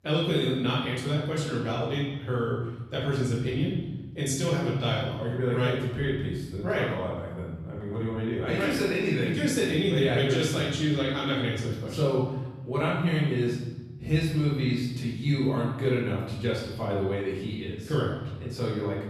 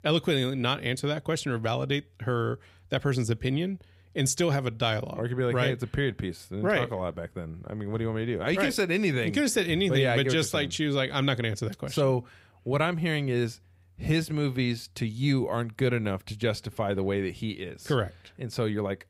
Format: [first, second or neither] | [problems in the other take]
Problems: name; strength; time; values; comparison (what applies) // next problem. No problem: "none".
second | off-mic speech; far // room echo; noticeable; dies away in 1.1 s